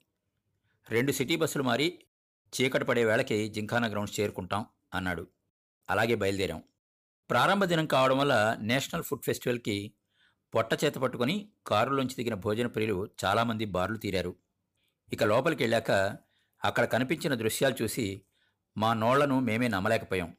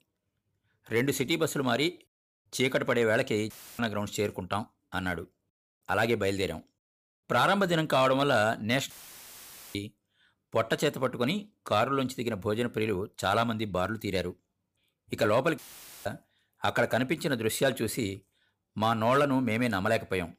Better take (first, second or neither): first